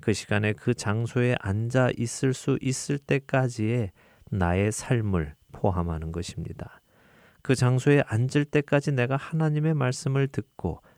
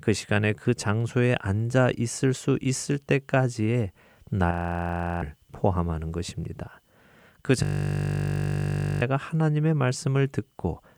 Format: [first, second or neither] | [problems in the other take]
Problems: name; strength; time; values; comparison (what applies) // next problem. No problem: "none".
first | audio freezing; at 4.5 s for 0.5 s and at 7.5 s for 1.5 s